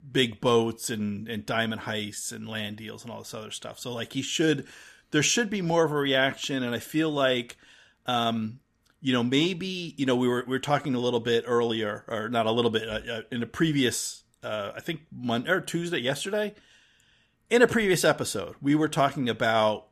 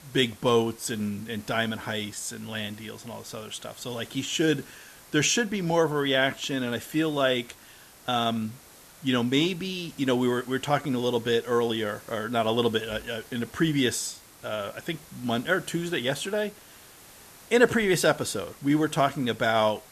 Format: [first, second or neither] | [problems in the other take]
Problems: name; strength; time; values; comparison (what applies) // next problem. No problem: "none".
first | hiss; faint; throughout; 20 dB below the speech